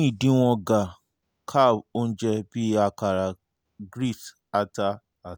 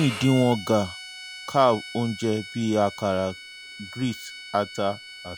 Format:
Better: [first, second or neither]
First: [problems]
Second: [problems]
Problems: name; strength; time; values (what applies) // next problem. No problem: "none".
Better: first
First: none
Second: background sound (Bowed string instrument); 14 dB below the speech